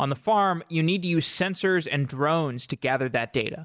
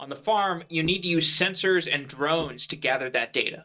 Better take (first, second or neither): first